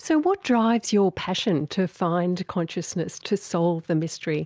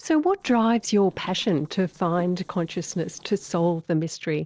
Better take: first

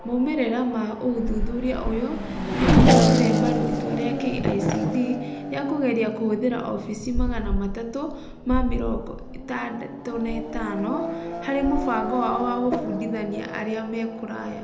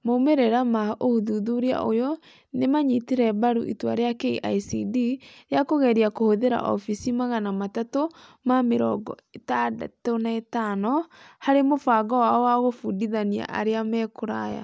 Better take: second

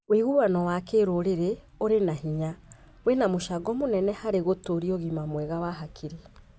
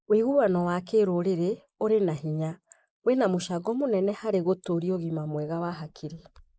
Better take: first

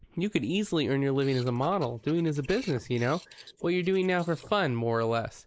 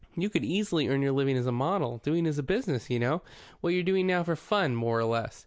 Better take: second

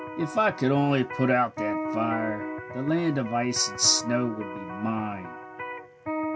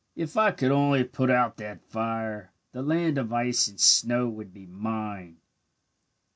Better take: second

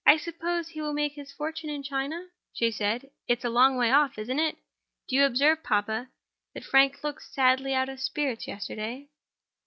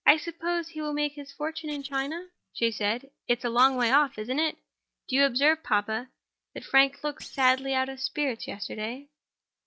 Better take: first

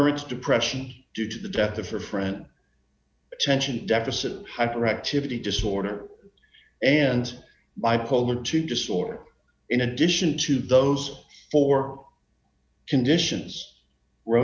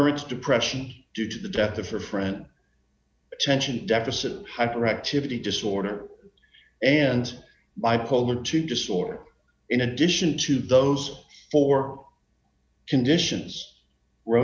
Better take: second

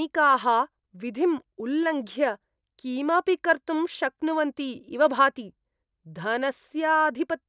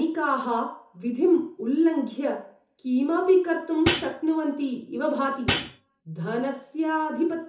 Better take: first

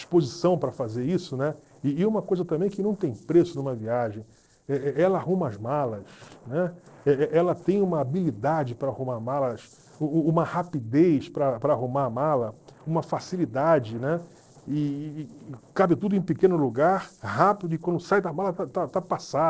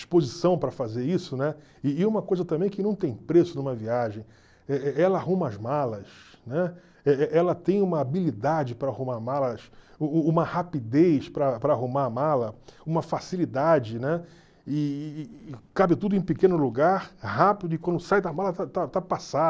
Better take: second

